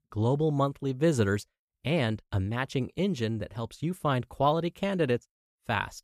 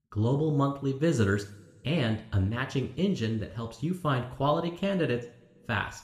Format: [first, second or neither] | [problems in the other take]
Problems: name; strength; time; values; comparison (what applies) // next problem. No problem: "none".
first | room echo; slight; dies away in 0.9 s